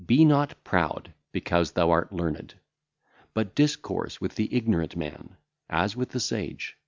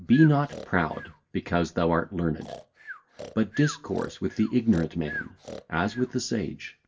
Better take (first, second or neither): first